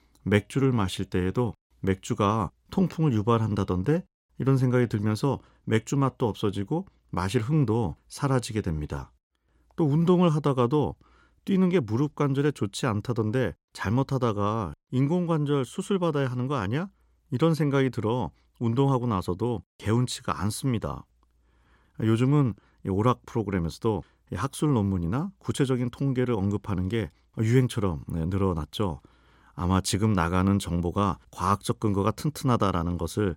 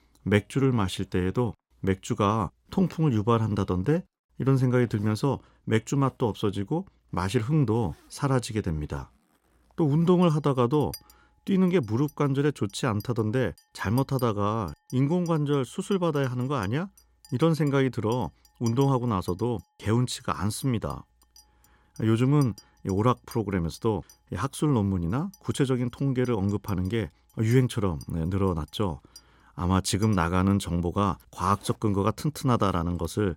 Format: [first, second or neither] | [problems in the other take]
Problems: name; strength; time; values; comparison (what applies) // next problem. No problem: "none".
first | household noises; faint; throughout; 25 dB below the speech